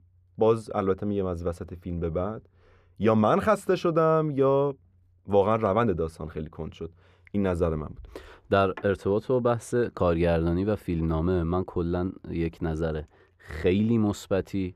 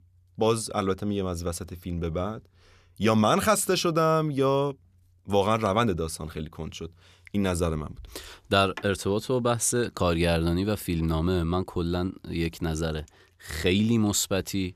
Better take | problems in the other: second | muffled; very; fading above 3 kHz

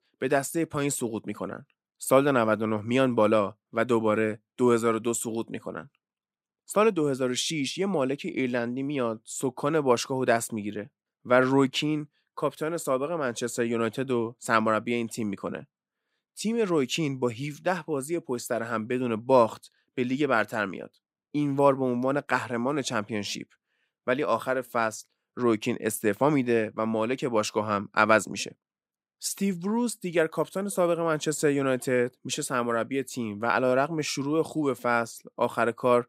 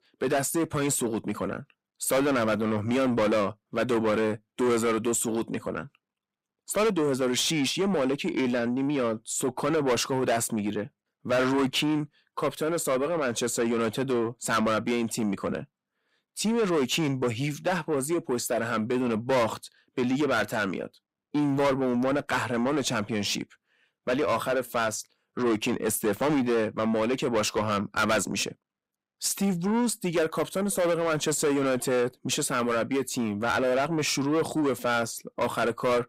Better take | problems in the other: first | distortion; heavy; 6 dB below the speech

